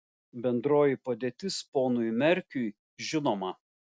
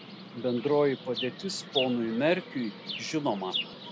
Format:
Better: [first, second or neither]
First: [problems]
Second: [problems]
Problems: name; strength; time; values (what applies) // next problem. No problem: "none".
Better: first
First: none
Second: background sound (Chirp, tweet); 9 dB below the speech